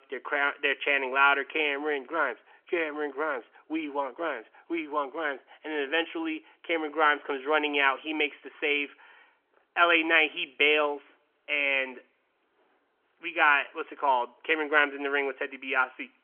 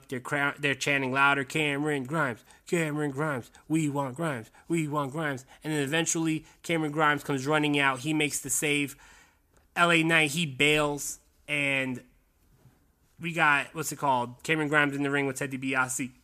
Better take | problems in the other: second | phone-call audio; nothing above 3 kHz

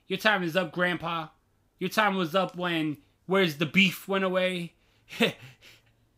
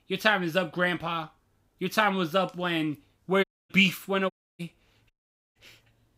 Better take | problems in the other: first | audio cutting out; at 3.5 s, at 4.5 s and at 5 s

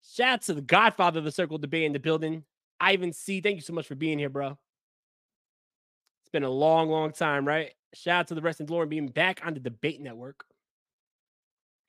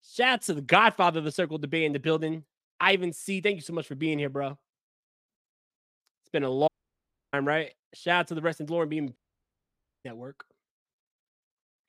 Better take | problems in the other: first | audio cutting out; at 6.5 s for 0.5 s and at 9 s for 1 s

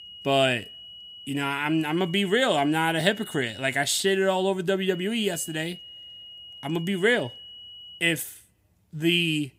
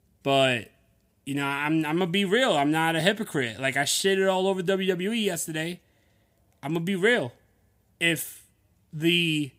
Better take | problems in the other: second | high-pitched whine; noticeable; until 3.5 s and from 5 to 8 s; 3 kHz, 15 dB below the speech

